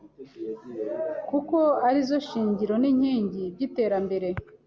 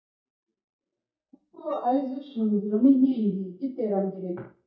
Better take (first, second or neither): first